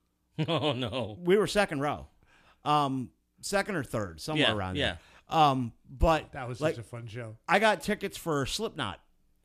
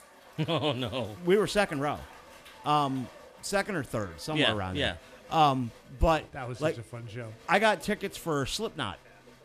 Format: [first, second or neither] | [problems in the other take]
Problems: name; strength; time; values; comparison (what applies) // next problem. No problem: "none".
first | crowd noise; faint; throughout; 20 dB below the speech